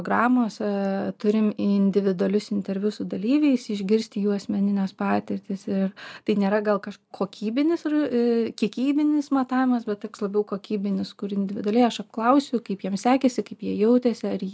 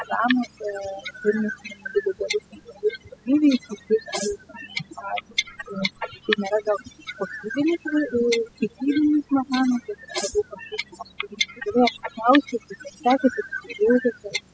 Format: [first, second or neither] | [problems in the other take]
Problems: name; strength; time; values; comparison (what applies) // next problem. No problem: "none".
first | noise reduction (classical method spectral subtraction)